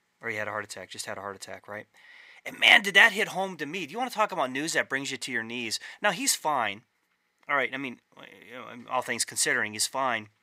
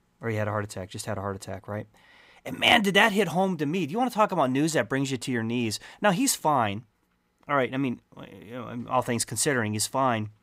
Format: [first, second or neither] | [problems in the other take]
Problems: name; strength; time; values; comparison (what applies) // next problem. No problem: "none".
second | thin; somewhat; fading below 1 kHz